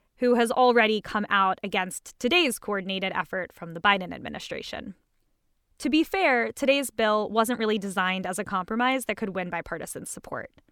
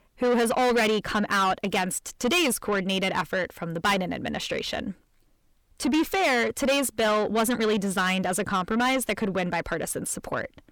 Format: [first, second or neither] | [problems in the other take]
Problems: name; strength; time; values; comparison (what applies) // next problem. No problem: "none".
first | distortion; heavy; 7 dB below the speech